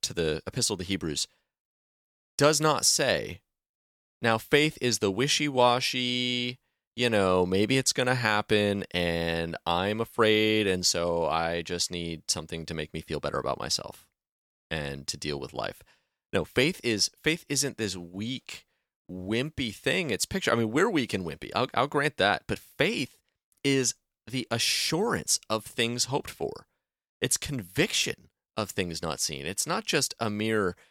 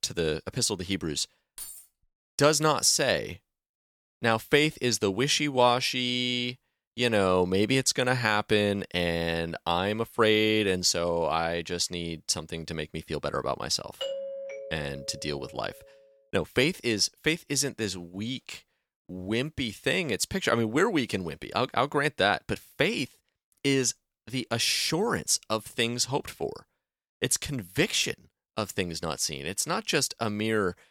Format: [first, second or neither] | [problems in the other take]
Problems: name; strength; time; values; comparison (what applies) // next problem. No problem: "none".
first | jangling keys; faint; at 1.5 s; peak 15 dB below the speech // doorbell; noticeable; from 14 to 16 s; peak 7 dB below the speech